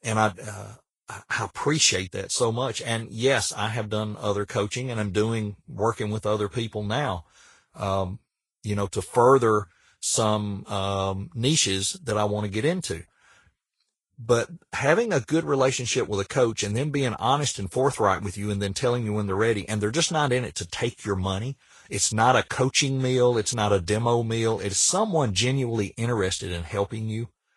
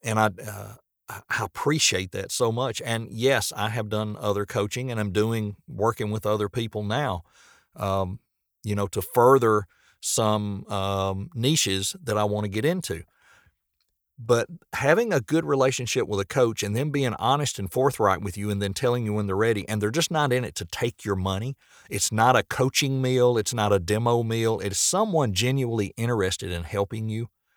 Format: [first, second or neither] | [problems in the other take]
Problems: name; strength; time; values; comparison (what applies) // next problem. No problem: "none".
second | garbled, watery; slightly; nothing above 10.5 kHz